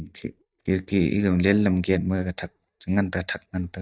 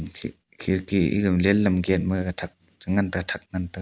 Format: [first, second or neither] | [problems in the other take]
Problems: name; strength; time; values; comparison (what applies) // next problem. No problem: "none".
second | noise reduction (neural mask model DeepFilterNet 3)